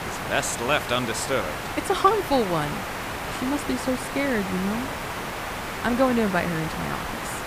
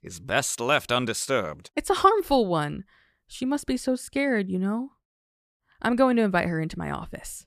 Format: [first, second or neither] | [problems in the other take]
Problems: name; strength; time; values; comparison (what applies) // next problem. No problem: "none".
second | hiss; loud; throughout; 5 dB below the speech